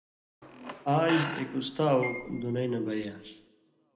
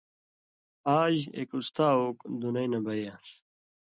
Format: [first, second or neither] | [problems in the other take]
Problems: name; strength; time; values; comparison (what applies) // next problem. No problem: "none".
second | background sound (Squeak / Screech); 10 dB below the speech // room echo; dies away in 0.7 s